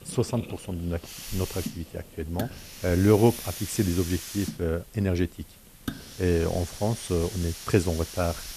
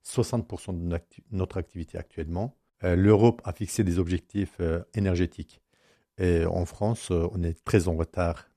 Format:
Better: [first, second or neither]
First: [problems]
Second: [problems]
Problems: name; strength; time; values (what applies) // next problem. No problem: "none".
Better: second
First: hiss; noticeable; throughout; 10 dB below the speech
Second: none